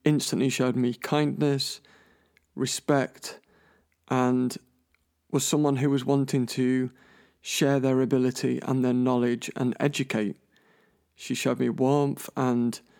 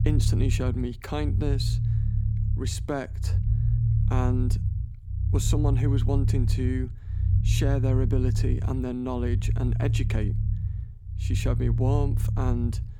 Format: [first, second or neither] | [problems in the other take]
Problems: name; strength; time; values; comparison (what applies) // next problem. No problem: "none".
first | low rumble; loud; throughout; 7 dB below the speech